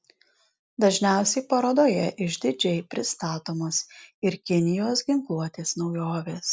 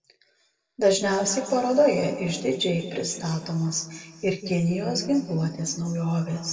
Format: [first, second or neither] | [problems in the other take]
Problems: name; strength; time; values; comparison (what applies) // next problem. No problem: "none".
first | room echo; dies away in 2.1 s